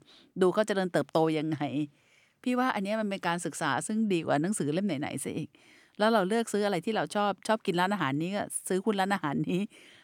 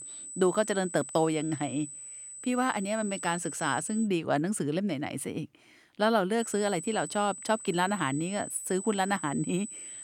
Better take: first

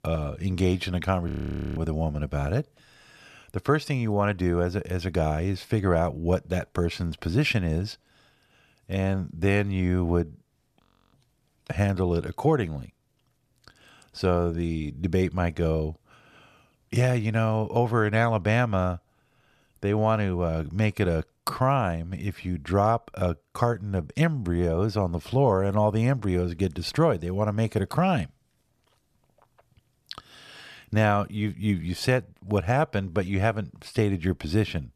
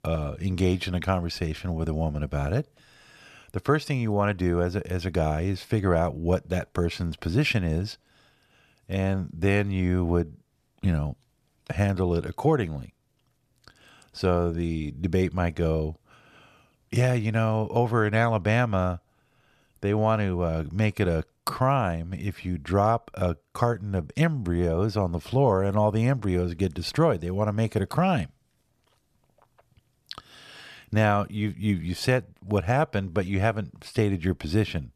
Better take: second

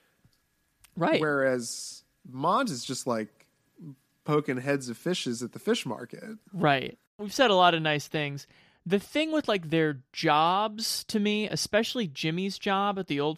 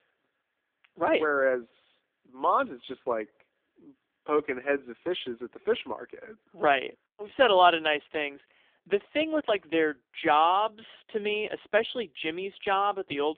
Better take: first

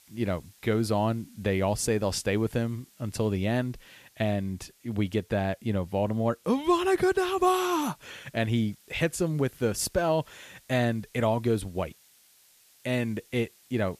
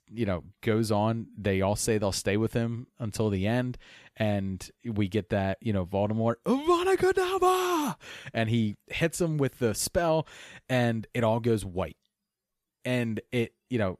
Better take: second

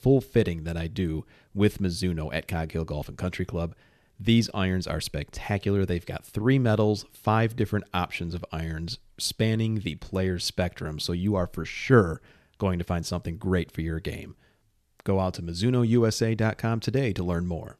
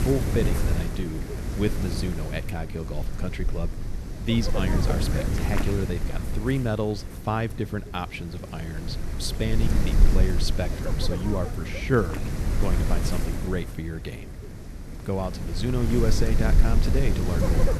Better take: first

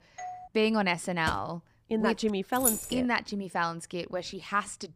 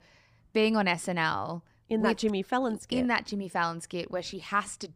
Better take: second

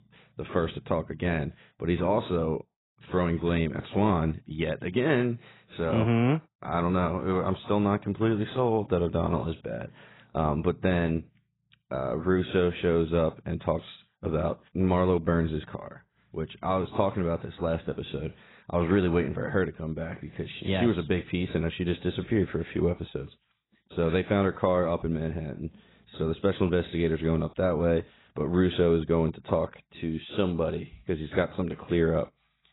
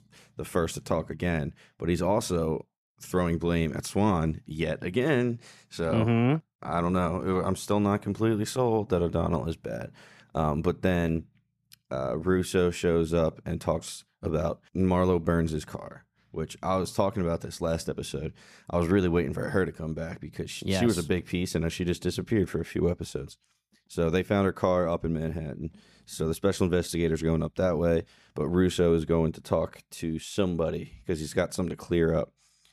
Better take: second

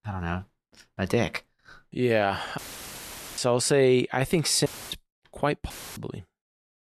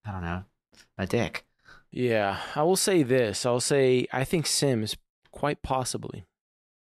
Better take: second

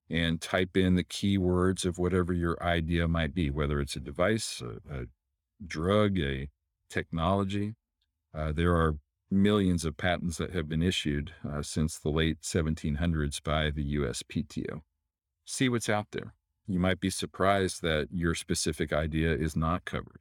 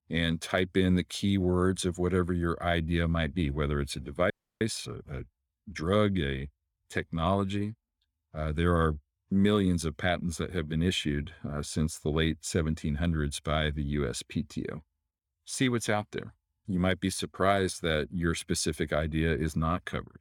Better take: first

